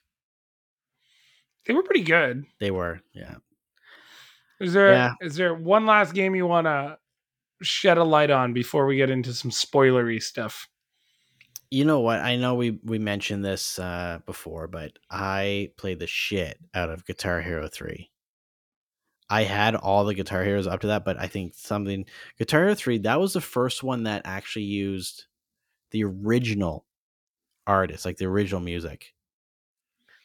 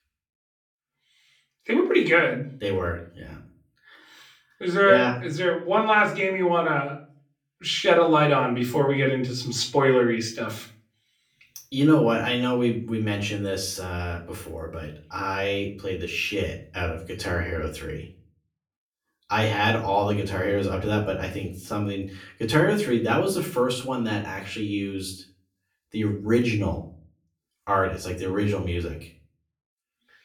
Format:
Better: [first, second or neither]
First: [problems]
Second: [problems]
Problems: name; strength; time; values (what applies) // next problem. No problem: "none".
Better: first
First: none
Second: off-mic speech; far // room echo; very slight; dies away in 0.3 s